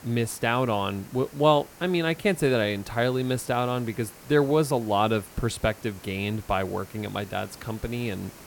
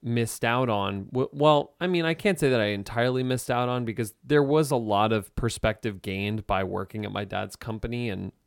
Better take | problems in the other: second | hiss; faint; throughout; 20 dB below the speech

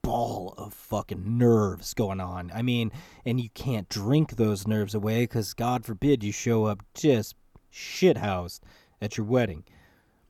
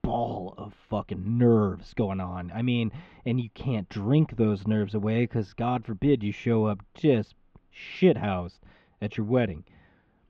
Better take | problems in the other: first | muffled; very; fading above 3 kHz

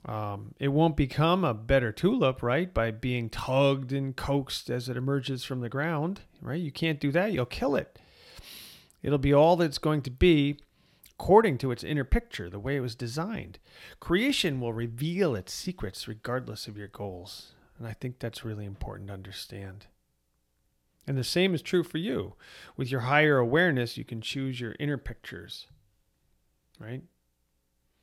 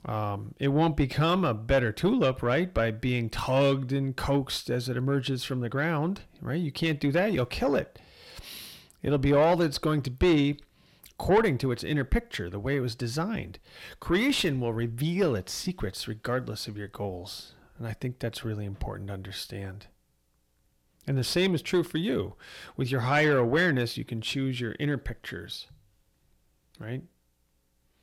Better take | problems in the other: first | distortion; slight; 10 dB below the speech

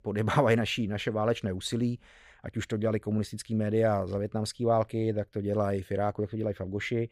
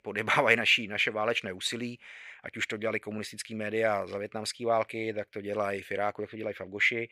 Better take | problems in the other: first | thin; somewhat; fading below 650 Hz

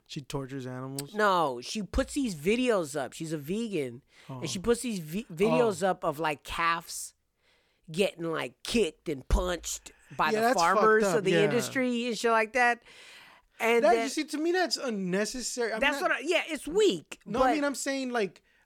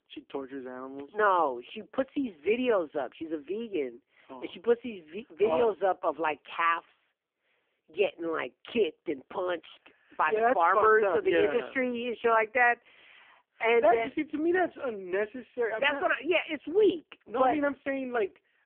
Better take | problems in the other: first | phone-call audio; poor line

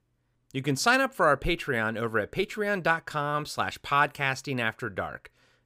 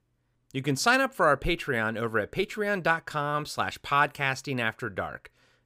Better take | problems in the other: neither | none

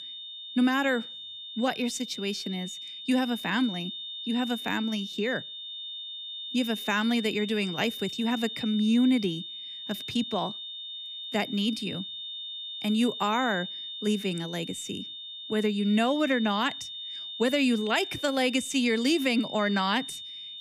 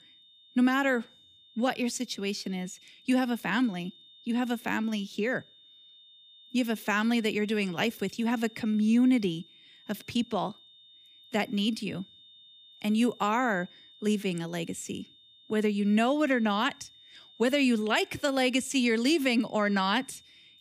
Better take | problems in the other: second | high-pitched whine; loud; throughout; 3.5 kHz, 8 dB below the speech; faint in the second

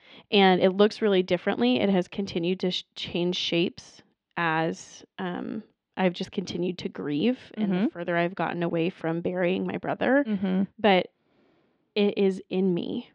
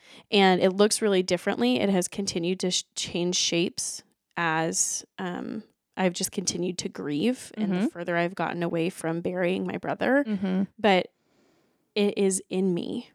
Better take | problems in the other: second | muffled; slightly; fading above 3.5 kHz

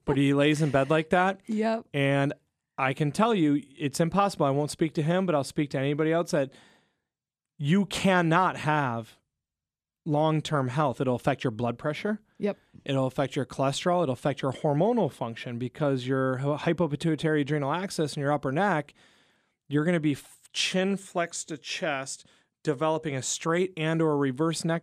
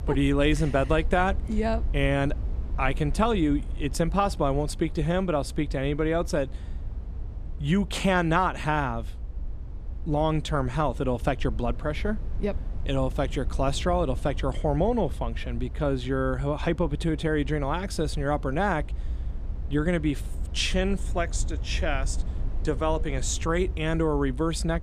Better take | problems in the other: first | low rumble; faint; throughout; 20 dB below the speech

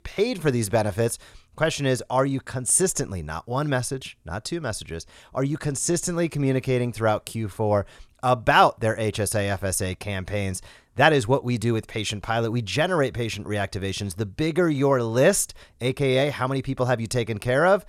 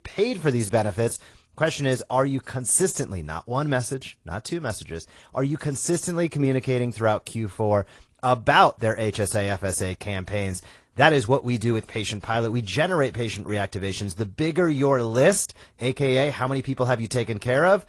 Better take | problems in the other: first | garbled, watery; slightly

